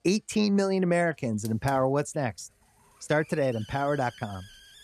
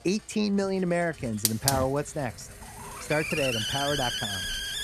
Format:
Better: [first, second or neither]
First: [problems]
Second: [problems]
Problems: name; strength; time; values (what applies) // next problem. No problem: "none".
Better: first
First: hiss; faint; throughout; 20 dB below the speech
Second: hiss; loud; throughout; as loud as the speech